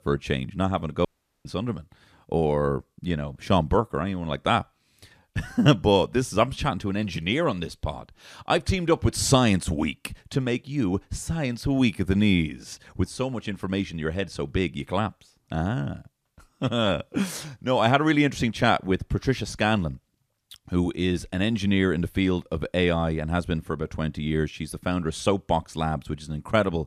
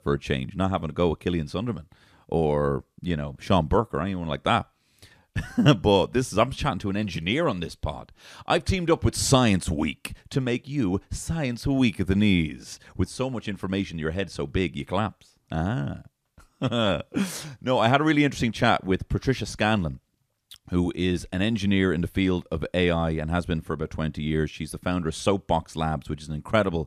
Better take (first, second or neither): second